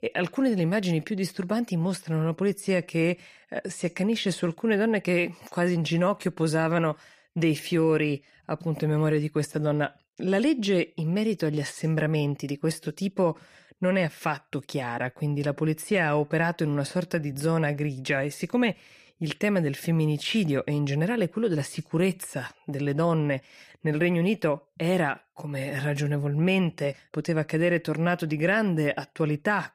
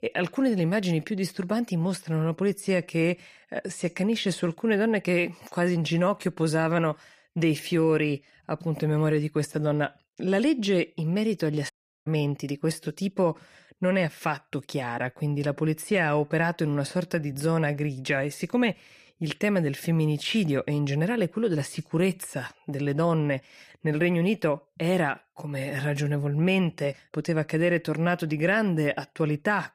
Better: first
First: none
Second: audio cutting out; at 12 s

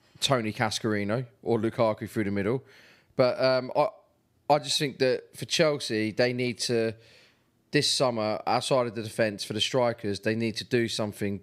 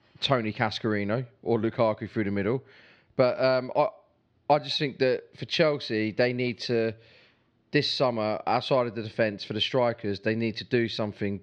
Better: first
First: none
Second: muffled; very slightly; fading above 4.5 kHz

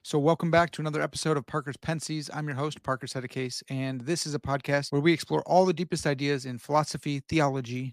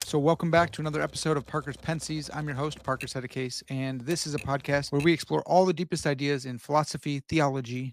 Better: first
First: none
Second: keyboard typing; faint; until 5 s; peak 10 dB below the speech

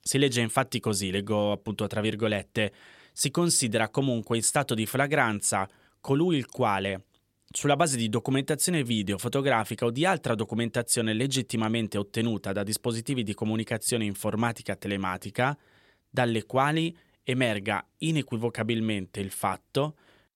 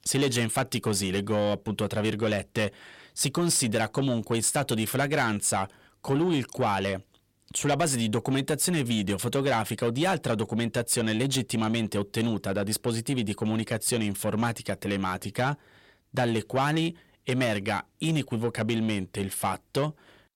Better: first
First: none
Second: distortion; slight; 10 dB below the speech

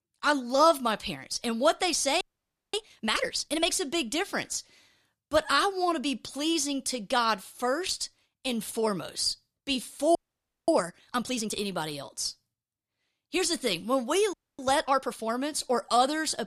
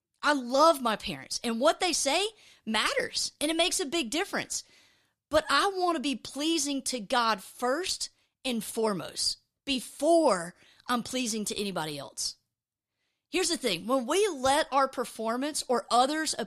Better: second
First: audio freezing; at 2 s for 0.5 s, at 10 s for 0.5 s and at 14 s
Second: none

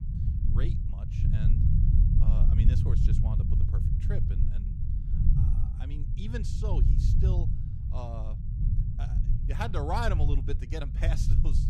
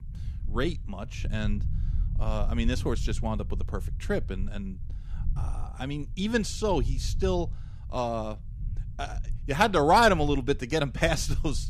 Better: second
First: low rumble; loud; throughout; 4 dB below the speech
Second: low rumble; faint; throughout; 25 dB below the speech

